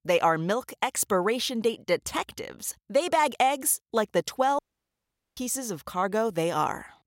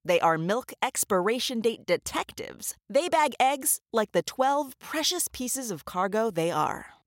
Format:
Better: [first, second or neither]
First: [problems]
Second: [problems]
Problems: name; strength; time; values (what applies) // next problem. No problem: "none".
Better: second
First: audio cutting out; at 4.5 s for 1 s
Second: none